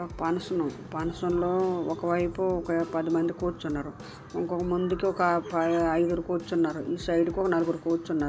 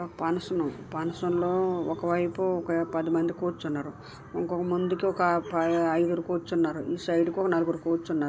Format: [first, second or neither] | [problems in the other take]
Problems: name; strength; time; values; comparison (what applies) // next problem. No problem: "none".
second | background sound (Drum / Drum kit); 19 dB below the speech